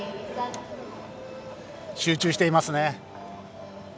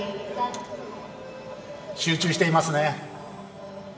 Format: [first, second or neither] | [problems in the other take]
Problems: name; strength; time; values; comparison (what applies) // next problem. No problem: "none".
first | room echo; dies away in 2.2 s